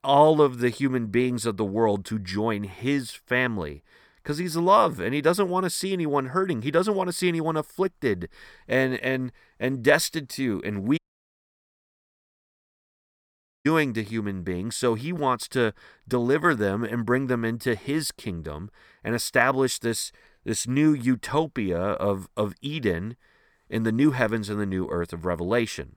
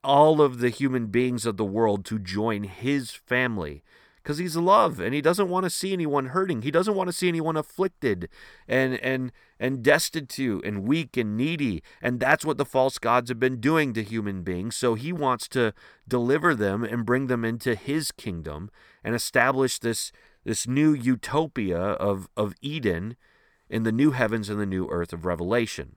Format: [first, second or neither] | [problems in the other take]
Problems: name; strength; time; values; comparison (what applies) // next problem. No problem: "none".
second | audio cutting out; at 11 s for 2.5 s